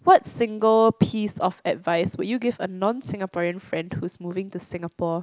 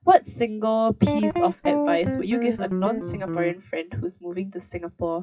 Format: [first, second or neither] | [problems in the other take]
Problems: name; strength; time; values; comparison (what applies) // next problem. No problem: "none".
first | noise reduction (classical method WPE with log-MMSE)